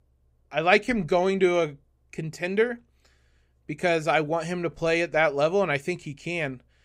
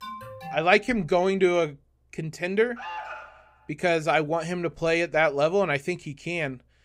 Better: first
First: none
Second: alarm; faint; at the start and at 3 s; peak 10 dB below the speech

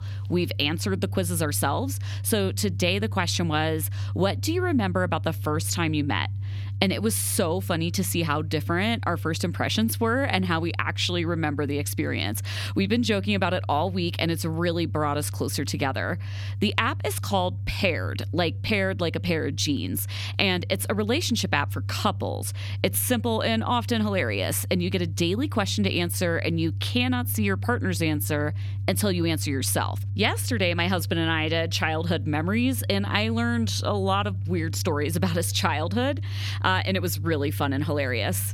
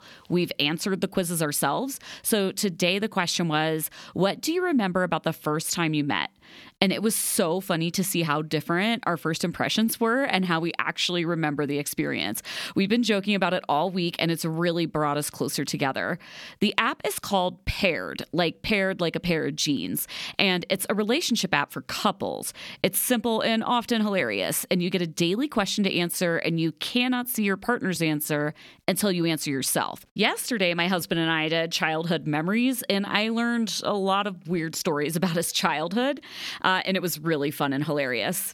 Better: second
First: low rumble; faint; throughout; 20 dB below the speech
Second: none

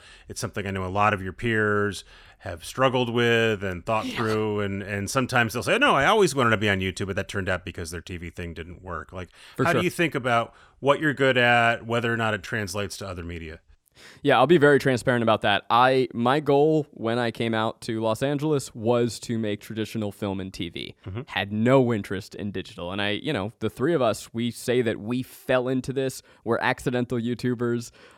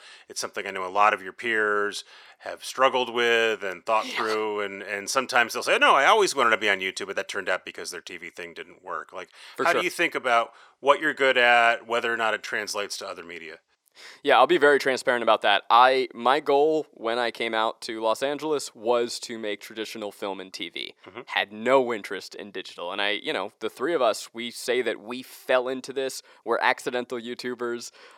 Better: first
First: none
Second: thin; somewhat; fading below 450 Hz

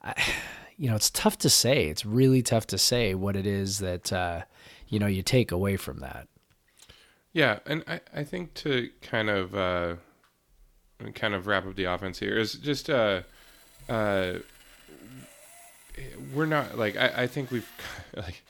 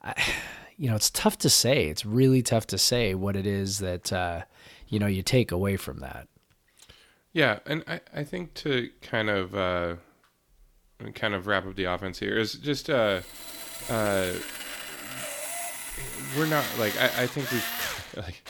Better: first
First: machinery noise; faint; from 13 s on; 25 dB below the speech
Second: machinery noise; loud; from 13 s on; 7 dB below the speech

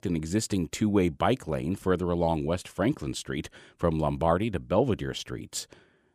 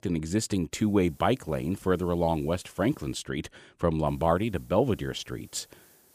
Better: first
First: none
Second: hiss; faint; from 1 to 3 s and from 4 s on; 30 dB below the speech

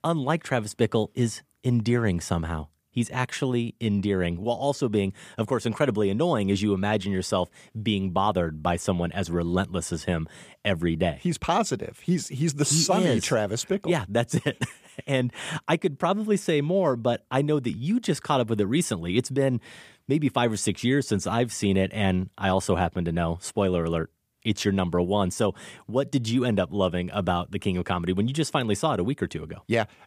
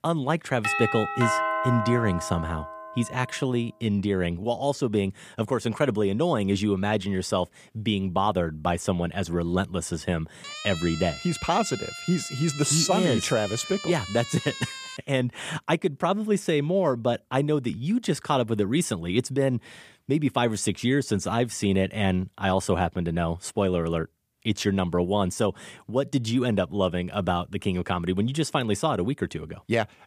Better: first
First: none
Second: doorbell; loud; from 0.5 to 3 s; peak 2 dB above the speech // siren; noticeable; from 10 to 15 s; peak 8 dB below the speech

